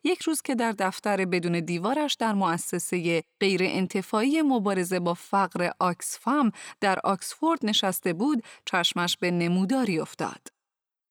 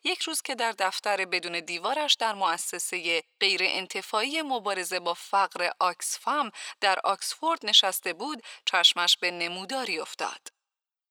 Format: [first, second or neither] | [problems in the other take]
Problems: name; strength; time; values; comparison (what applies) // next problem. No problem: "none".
first | thin; very; fading below 650 Hz